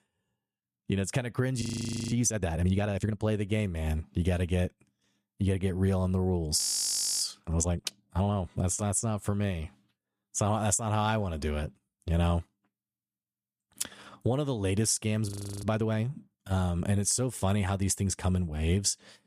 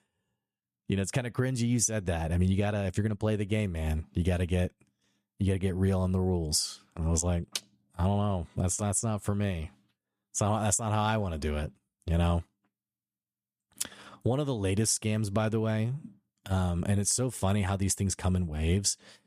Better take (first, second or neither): second